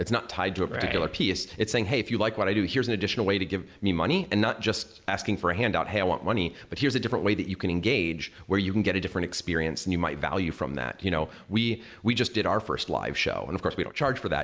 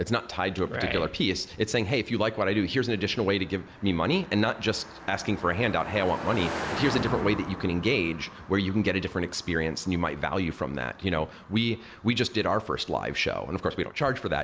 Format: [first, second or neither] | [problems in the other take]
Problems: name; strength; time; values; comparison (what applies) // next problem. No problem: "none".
first | background sound (Car passing by); 13 dB below the speech